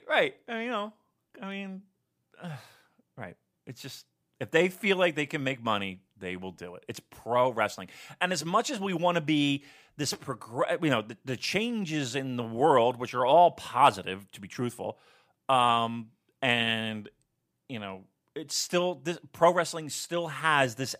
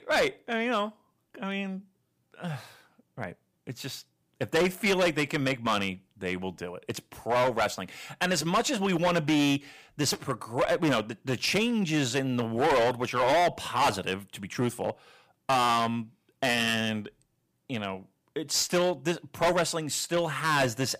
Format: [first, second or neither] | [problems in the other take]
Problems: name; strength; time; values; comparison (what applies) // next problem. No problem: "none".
first | distortion; heavy; 8% of the sound clipped